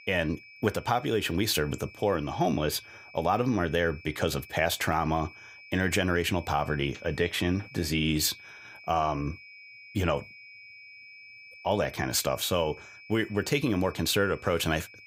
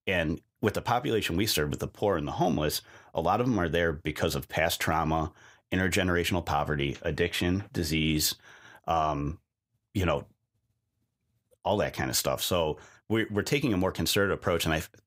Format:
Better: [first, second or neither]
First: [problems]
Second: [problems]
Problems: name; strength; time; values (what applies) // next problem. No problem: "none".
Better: second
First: high-pitched whine; noticeable; throughout; 2.5 kHz, 20 dB below the speech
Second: none